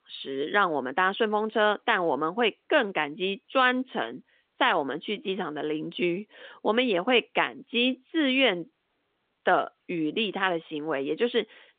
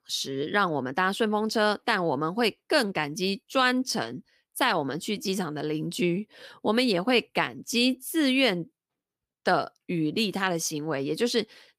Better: second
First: phone-call audio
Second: none

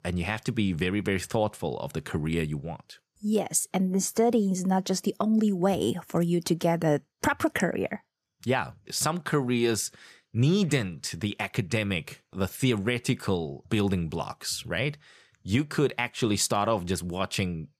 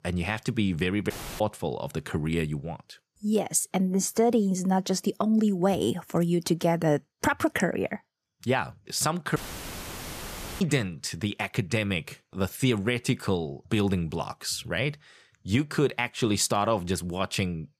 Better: first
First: none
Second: audio cutting out; filled with static; at 1 s and at 9.5 s for 1.5 s

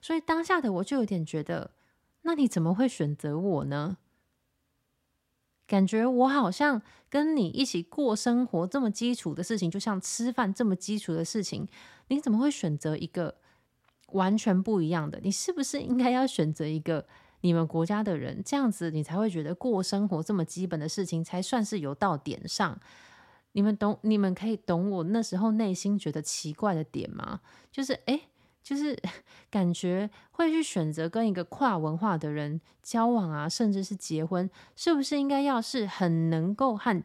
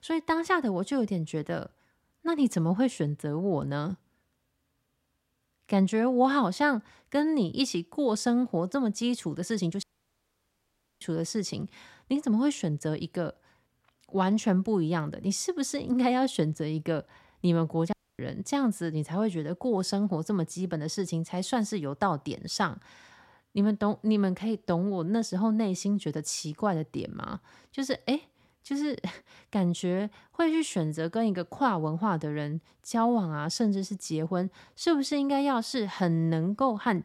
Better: first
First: none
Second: audio cutting out; at 10 s for 1 s and at 18 s

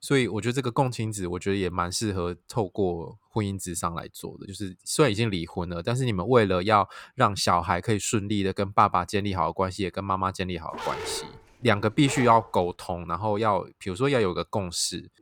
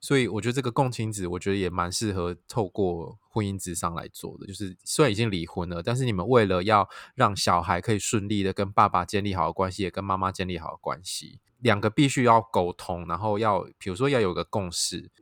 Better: second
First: dog barking; noticeable; from 11 to 13 s; peak 8 dB below the speech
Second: none

